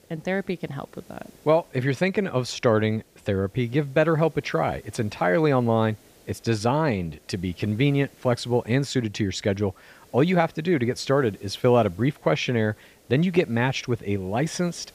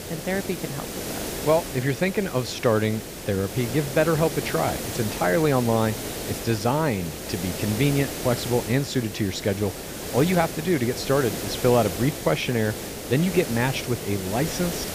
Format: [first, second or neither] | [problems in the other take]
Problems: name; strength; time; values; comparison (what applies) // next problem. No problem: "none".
first | hiss; loud; throughout; 7 dB below the speech; faint in the first